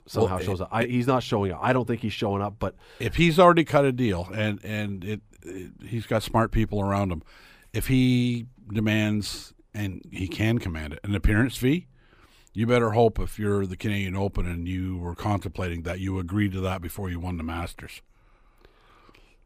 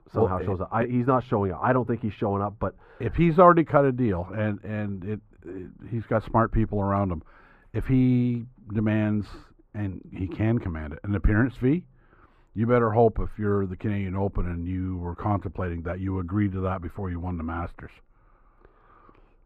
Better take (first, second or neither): first